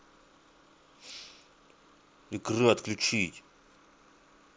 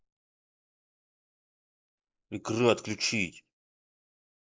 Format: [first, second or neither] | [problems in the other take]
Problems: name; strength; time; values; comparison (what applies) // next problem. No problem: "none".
first | noise reduction (neural mask model Resemble Enhance denoiser)